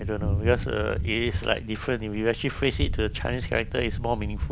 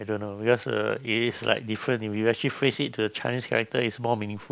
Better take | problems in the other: second | background sound (Thunder); 2 dB below the speech

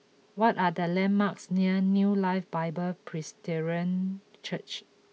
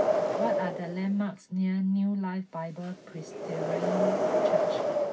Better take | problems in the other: first | background sound (Wind); 2 dB above the speech // room echo; dies away in 0.4 s

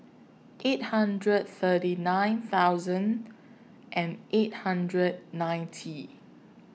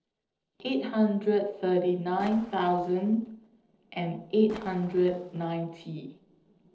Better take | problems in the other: first | noise reduction (neural separator model SepFormer DNS4)

